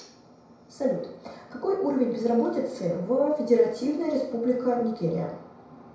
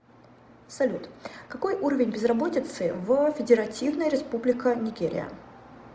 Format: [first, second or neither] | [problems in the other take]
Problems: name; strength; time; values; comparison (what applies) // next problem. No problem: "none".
second | room echo; dies away in 0.6 s